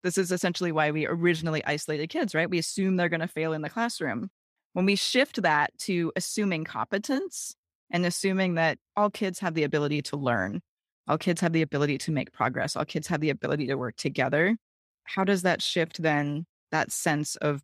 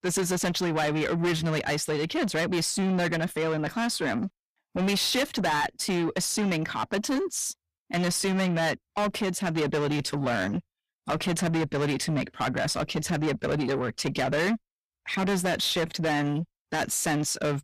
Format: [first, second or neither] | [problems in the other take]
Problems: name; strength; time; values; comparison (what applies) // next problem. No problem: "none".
first | distortion; heavy; 6 dB below the speech